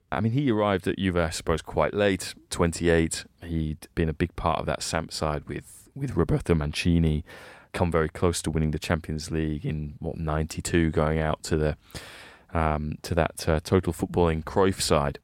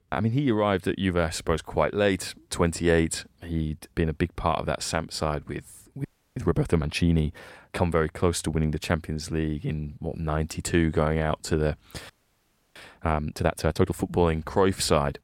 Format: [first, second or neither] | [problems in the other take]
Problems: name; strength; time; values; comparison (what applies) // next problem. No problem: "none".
first | audio freezing; at 6 s and at 12 s for 0.5 s